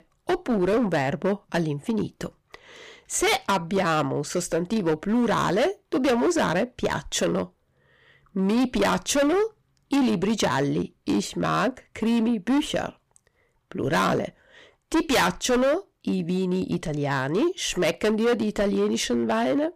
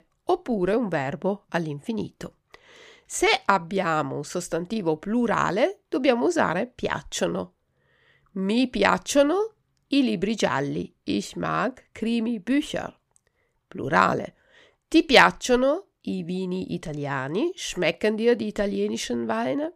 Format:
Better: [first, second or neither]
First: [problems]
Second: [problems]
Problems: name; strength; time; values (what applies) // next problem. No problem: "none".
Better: second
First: distortion; heavy; 11% of the sound clipped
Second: none